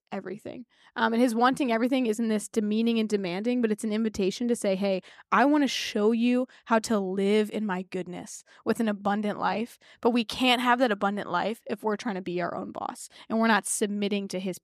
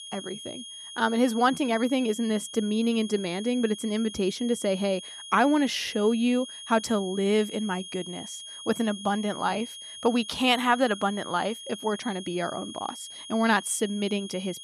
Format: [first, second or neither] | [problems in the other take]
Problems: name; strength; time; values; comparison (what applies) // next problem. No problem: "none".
first | high-pitched whine; noticeable; throughout; 3.5 kHz, 10 dB below the speech